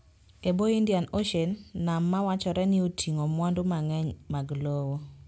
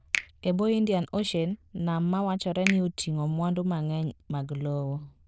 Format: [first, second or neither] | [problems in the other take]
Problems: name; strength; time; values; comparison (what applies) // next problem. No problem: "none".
first | noise reduction (neural diffusion model UNIVERSE++)